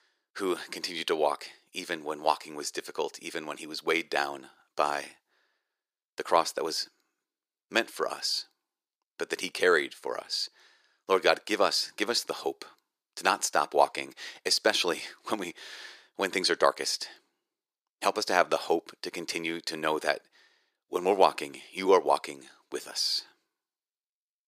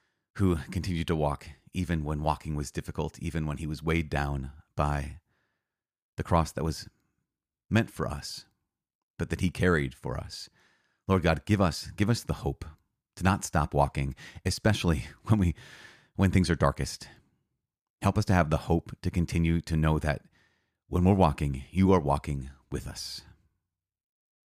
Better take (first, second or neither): second